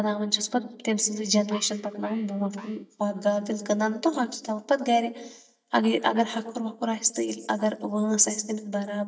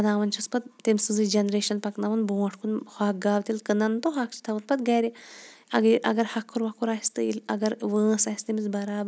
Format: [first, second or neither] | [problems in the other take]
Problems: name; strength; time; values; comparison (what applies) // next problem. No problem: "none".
second | noise reduction (neural mask model DeepFilterNet 3)